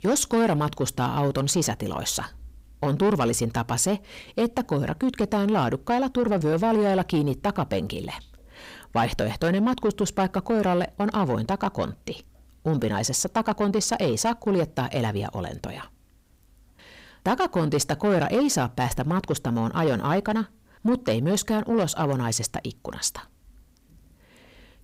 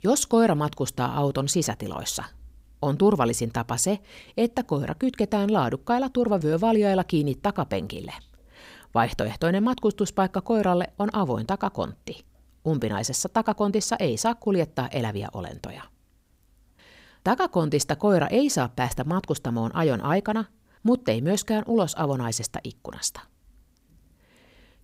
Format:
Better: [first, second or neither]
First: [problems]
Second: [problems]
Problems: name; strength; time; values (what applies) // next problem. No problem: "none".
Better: second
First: distortion; slight; 10 dB below the speech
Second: none